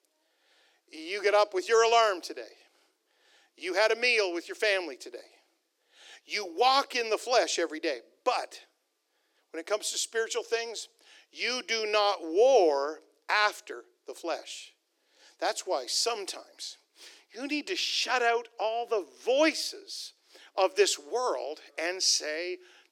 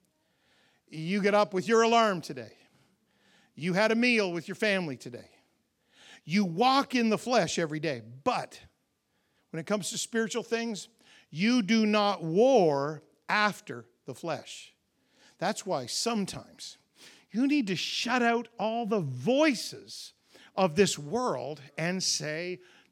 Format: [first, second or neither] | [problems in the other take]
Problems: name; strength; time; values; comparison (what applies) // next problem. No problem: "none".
second | thin; very; fading below 350 Hz